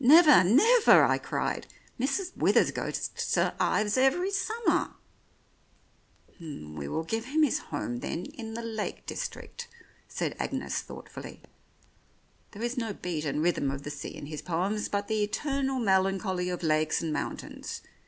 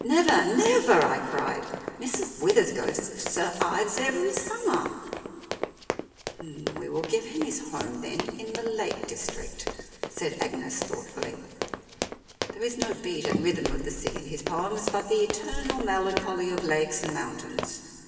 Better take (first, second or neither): first